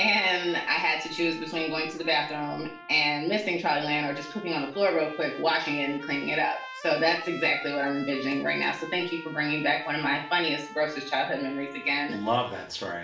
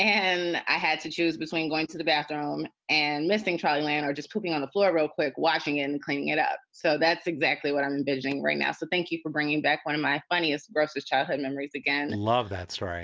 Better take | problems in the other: second | background sound (Trumpet); 15 dB below the speech // room echo; dies away in 0.4 s

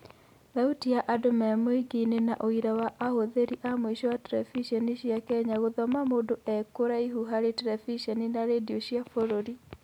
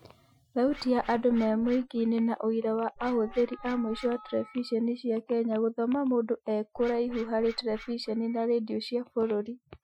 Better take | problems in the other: first | noise reduction (classical method Wiener filter)

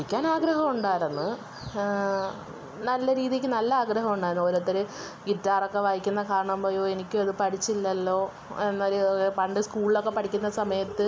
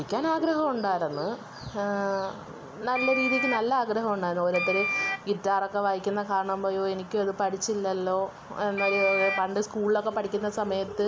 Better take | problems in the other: first | background sound (Wind instrument, woodwind instrument); 4 dB below the speech

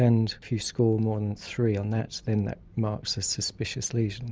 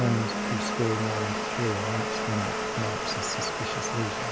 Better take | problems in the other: first | background sound (Domestic sounds, home sounds); 1 dB above the speech

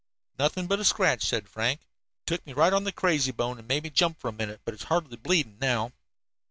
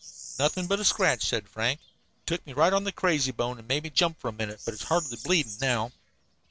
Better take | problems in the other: first | background sound (Bird vocalization, bird call, bird song); 15 dB below the speech

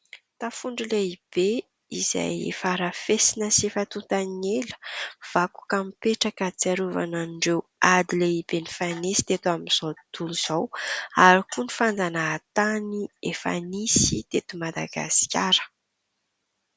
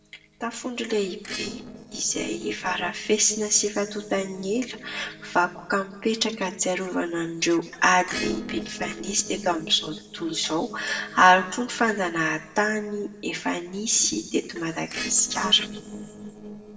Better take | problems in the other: first | noise reduction (neural separator model SepFormer DNS4)

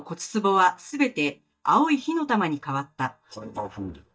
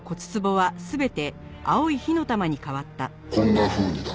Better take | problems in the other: second | noise reduction (neural mask model DeepFilterNet 3)

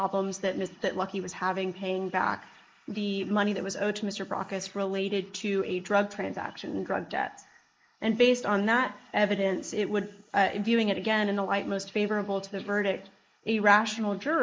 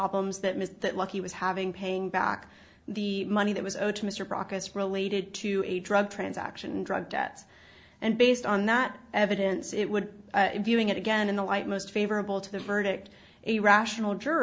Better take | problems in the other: second | noise reduction (neural mask model Resemble Enhance denoiser)

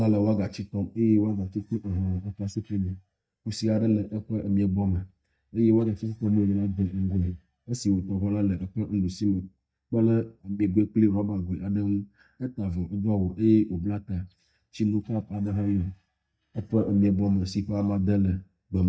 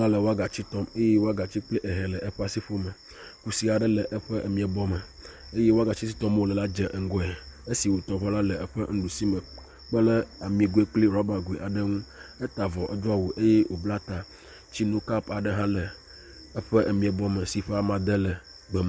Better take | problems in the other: second | noise reduction (neural mask model DeepFilterNet 3)

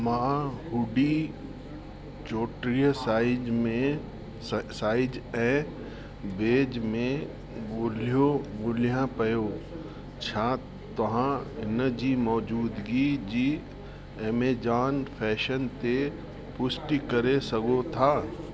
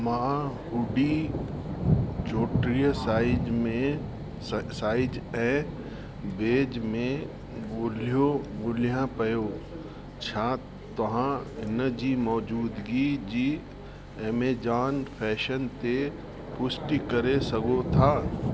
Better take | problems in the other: first | background sound (Thunder); 6 dB below the speech

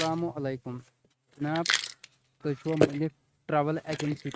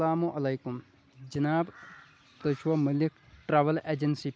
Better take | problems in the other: second | noise reduction (neural mask model RNNoise)

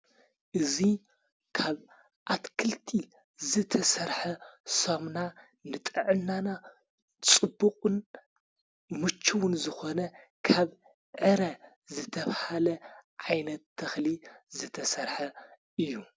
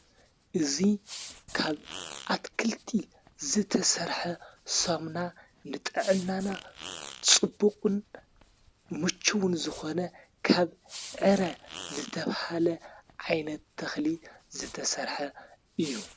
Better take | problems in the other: first | background sound (Fart); 18 dB below the speech

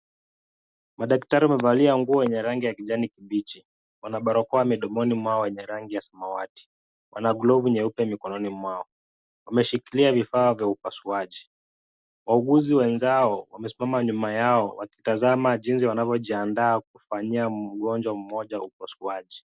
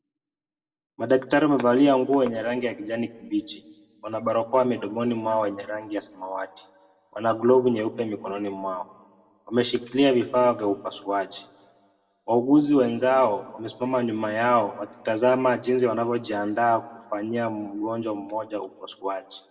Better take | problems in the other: first | room echo; dies away in 1 s

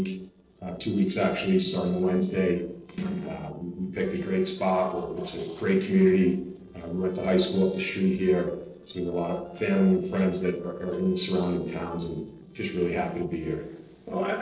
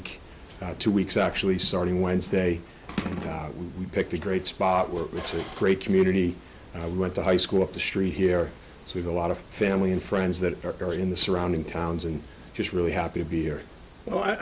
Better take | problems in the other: second | noise reduction (neural separator model SepFormer DNS4)

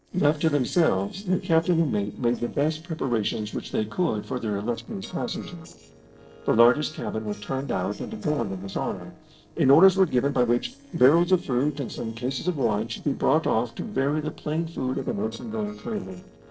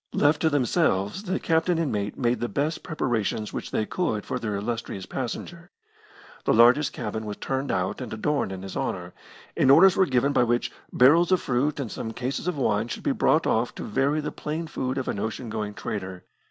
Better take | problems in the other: second | noise reduction (neural separator model SepFormer DNS4)

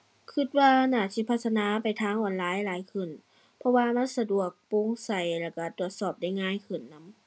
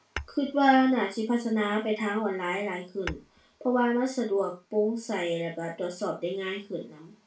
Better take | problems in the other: first | background sound (Tap / Hammer / Glass); 19 dB below the speech // room echo; dies away in 0.3 s

